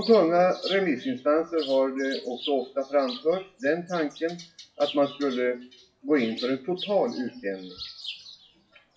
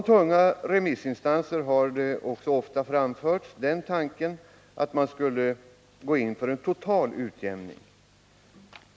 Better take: second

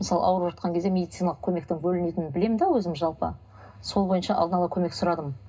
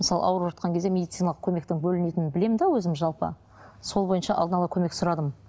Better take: second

